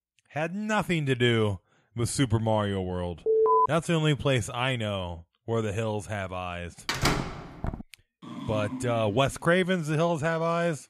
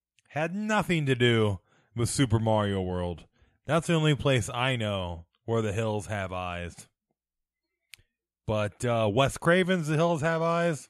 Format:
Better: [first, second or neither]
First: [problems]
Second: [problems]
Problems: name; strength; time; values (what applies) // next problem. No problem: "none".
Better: second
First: alarm; loud; at 3.5 s; peak 6 dB above the speech // door banging; loud; at 7 s; peak 1 dB above the speech // dog barking; noticeable; from 8 to 9.5 s; peak 8 dB below the speech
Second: none